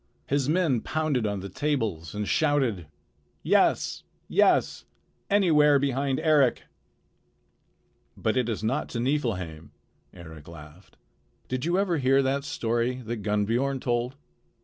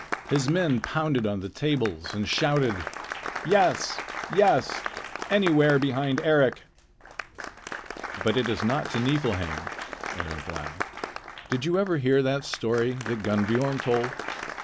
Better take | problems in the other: first | background sound (Applause); 10 dB below the speech

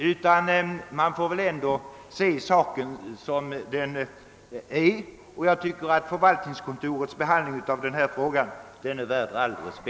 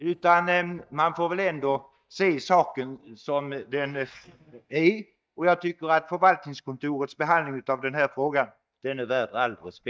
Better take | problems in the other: first | noise reduction (neural mask model DeepFilterNet 3)

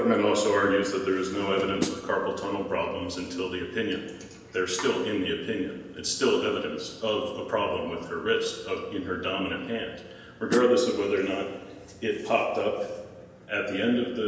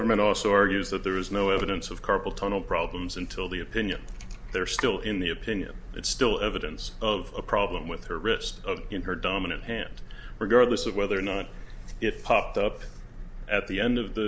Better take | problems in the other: second | background sound (Snare drum); 6 dB below the speech // room echo; dies away in 1 s

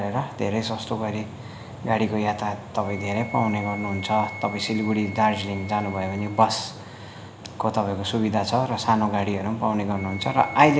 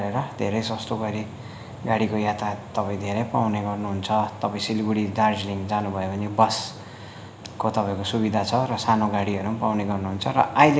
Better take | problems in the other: second | background sound (Wind instrument, woodwind instrument); 18 dB below the speech

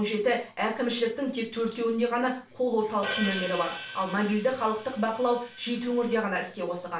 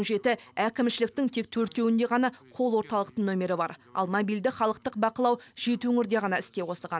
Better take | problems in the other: second | background sound (Hi-hat); 10 dB below the speech // room echo; dies away in 0.3 s

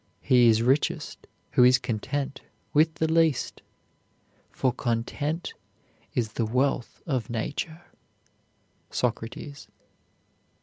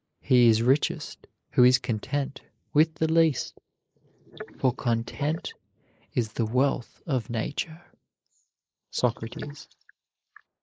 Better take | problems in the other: first | noise reduction (neural mask model Resemble Enhance denoiser)

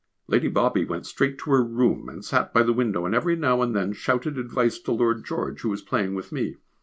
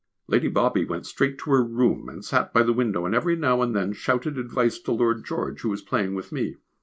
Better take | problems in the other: first | noise reduction (neural mask model Resemble Enhance denoiser)

